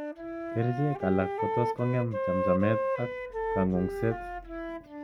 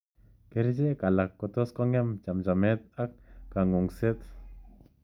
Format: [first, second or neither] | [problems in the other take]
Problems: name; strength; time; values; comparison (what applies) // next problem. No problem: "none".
second | background sound (Wind instrument, woodwind instrument); 2 dB below the speech